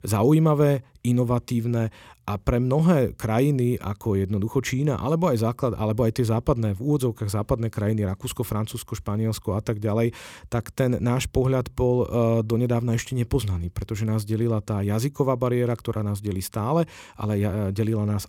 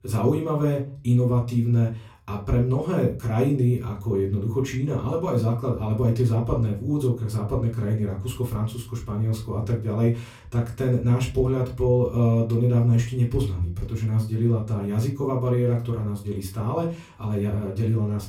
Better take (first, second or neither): first